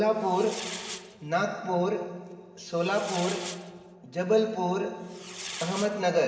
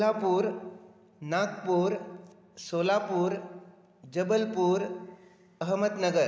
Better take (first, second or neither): second